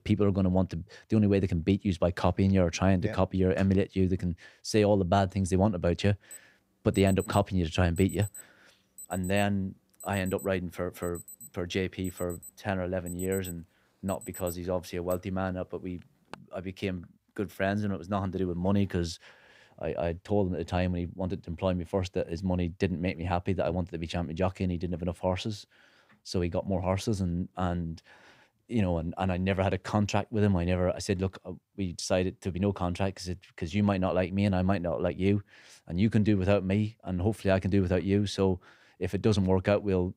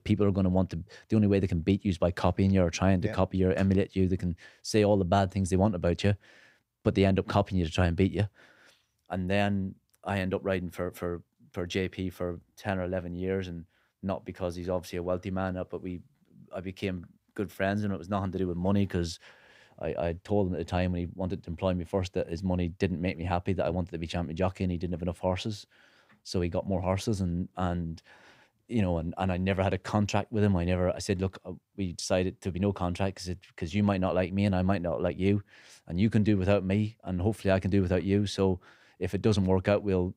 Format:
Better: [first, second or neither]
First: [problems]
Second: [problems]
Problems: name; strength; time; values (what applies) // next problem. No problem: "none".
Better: second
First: alarm; faint; from 6.5 to 16 s; peak 10 dB below the speech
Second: none